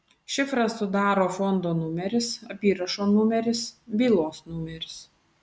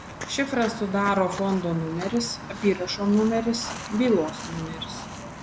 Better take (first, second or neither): first